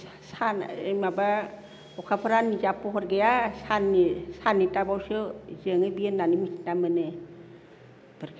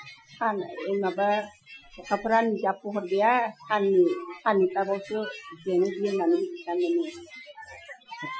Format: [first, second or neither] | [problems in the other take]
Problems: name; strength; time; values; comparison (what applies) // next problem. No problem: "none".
first | noise reduction (classical method Wiener filter)